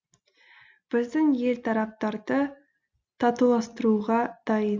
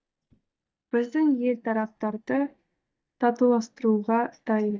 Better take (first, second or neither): first